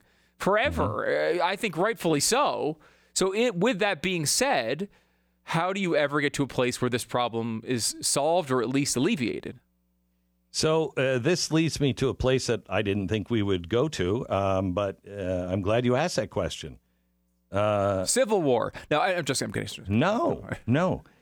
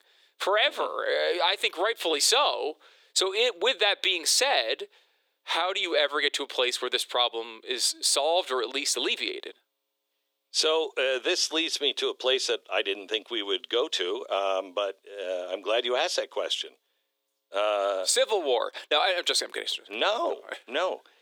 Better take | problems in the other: first | thin; very; fading below 350 Hz

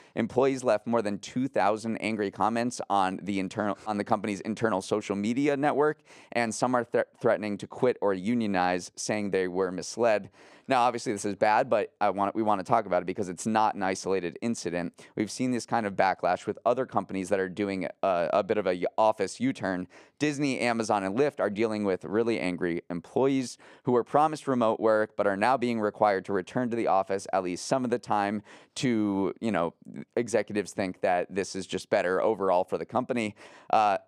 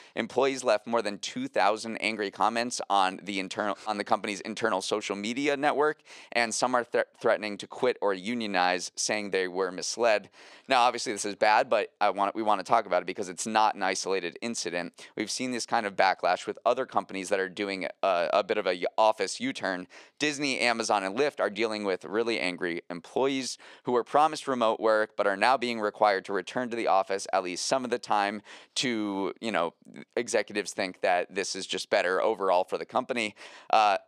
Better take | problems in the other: first | thin; very slightly; fading below 500 Hz

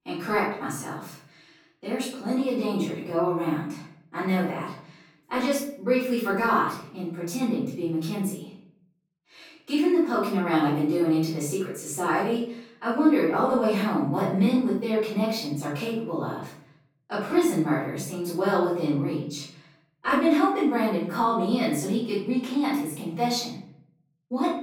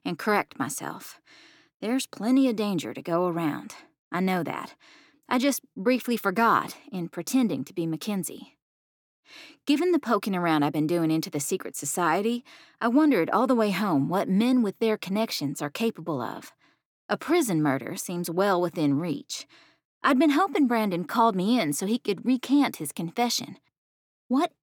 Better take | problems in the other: second | off-mic speech; far // room echo; noticeable; dies away in 0.6 s

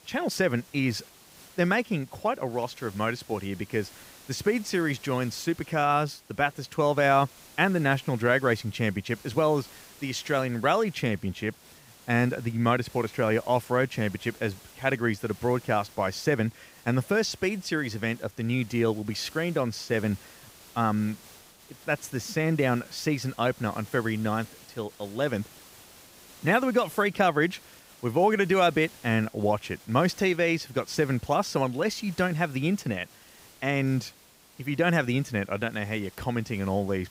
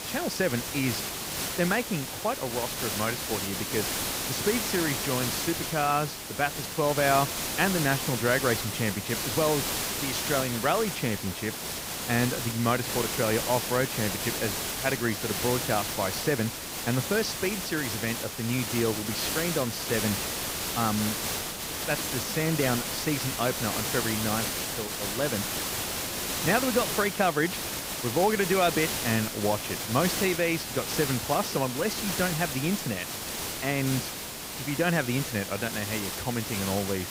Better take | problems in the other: first | hiss; loud; throughout; 2 dB below the speech; faint in the first

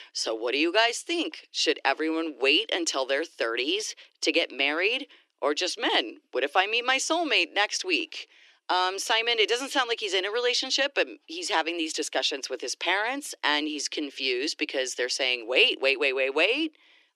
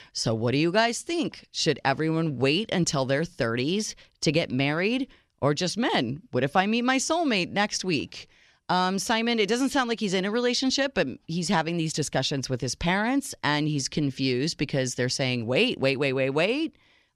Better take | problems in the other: second | thin; very; fading below 300 Hz

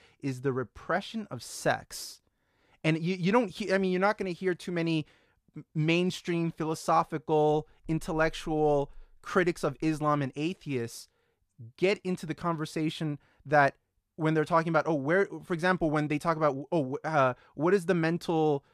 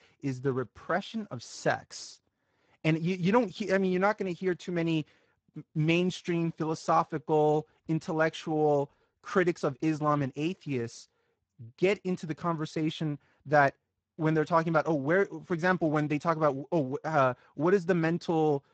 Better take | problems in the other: first | garbled, watery; badly; nothing above 7.5 kHz

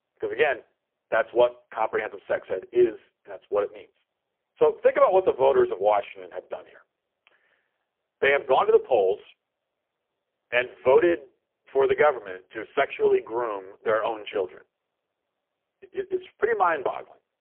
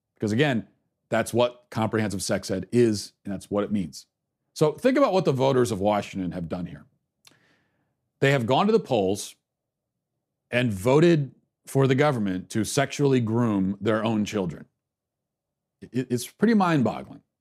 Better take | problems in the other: second | phone-call audio; poor line; nothing above 3 kHz

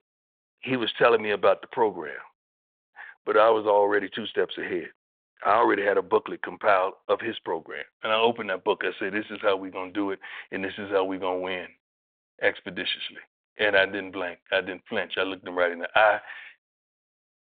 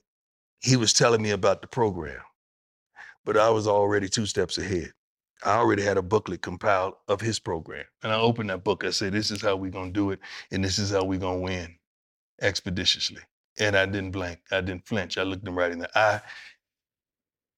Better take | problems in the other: second | phone-call audio; nothing above 3.5 kHz

